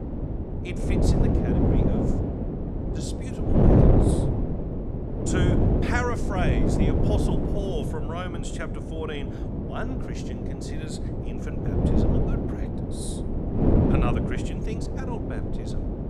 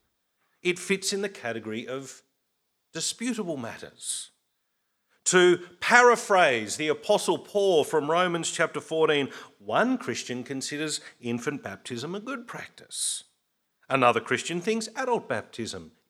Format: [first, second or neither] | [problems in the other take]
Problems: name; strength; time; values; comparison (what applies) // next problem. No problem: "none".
second | wind noise on the microphone; heavy; 4 dB above the speech